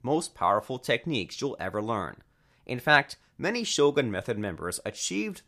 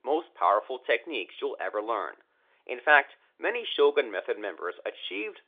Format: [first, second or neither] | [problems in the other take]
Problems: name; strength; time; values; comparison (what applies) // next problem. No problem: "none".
first | phone-call audio; nothing above 3.5 kHz